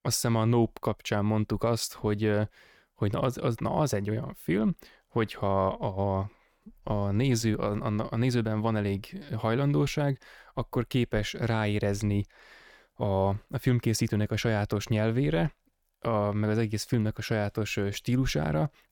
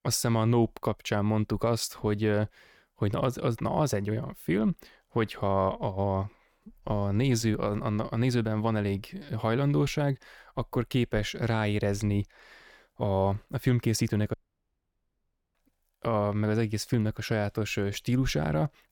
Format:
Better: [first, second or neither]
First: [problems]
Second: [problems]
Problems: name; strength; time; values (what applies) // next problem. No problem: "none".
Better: first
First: none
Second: audio cutting out; at 14 s for 1 s